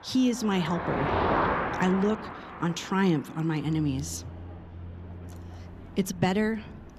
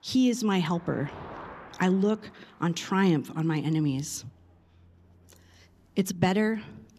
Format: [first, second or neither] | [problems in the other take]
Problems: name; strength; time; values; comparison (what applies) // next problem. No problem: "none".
second | traffic noise; loud; throughout; 4 dB below the speech; faint in the second